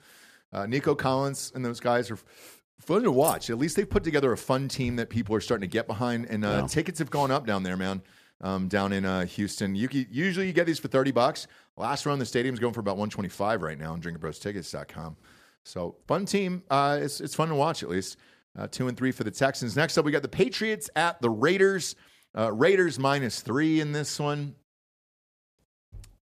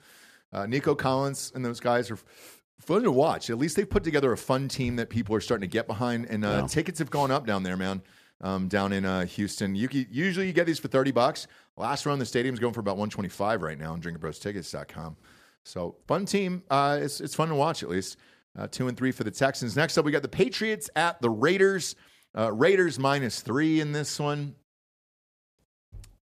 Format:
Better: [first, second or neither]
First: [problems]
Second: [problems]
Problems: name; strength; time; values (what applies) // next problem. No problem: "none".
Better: second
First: jangling keys; noticeable; at 3 s; peak 6 dB below the speech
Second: none